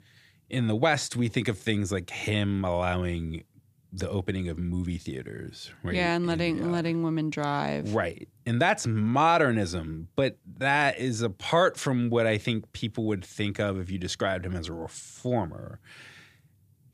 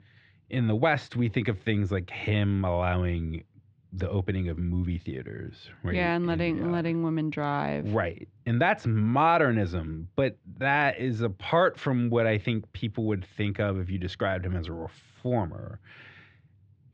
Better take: first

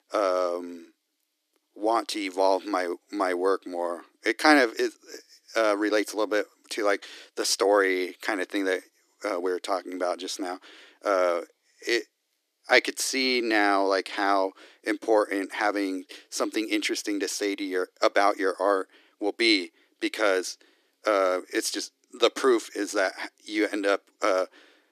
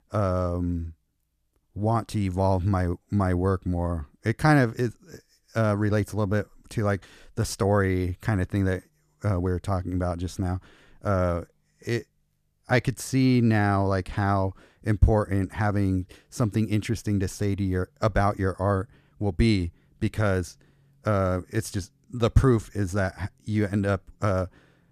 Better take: second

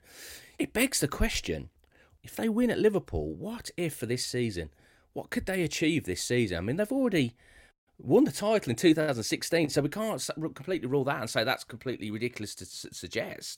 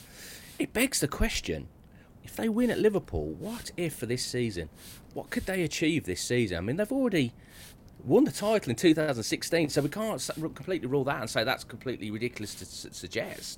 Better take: first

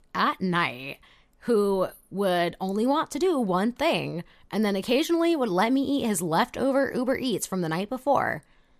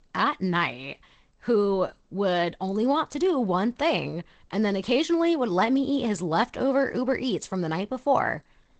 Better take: first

